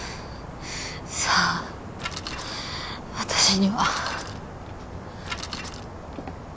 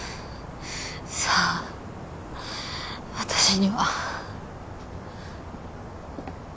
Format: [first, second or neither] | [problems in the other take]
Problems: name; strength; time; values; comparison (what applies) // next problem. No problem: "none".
second | background sound (Bicycle); 11 dB below the speech